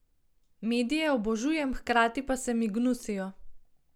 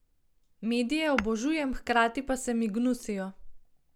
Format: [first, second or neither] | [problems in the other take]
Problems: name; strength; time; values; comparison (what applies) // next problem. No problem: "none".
first | background sound (Tap / Hammer); 14 dB below the speech